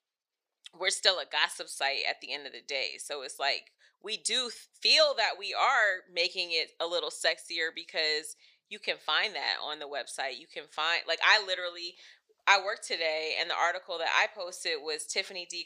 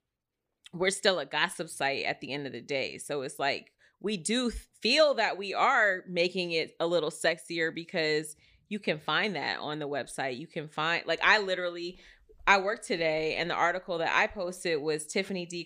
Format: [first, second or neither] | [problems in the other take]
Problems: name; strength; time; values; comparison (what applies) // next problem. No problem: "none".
second | thin; very; fading below 650 Hz